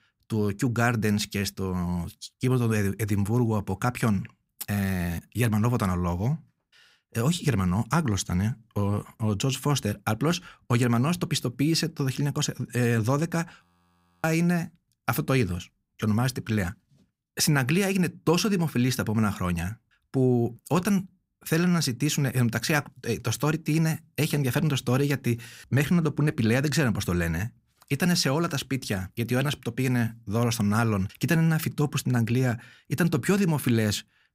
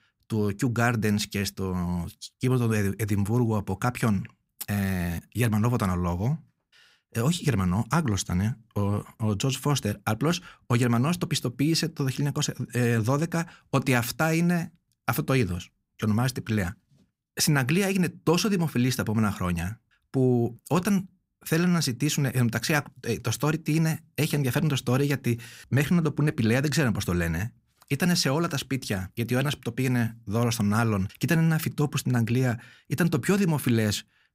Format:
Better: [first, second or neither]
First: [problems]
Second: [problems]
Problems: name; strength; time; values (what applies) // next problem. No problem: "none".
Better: second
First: audio freezing; at 14 s for 0.5 s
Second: none